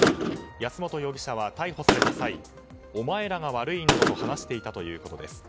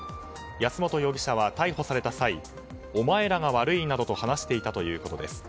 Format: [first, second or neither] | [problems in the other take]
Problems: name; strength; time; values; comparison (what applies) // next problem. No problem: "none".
second | background sound (Gunshot, gunfire); 3 dB above the speech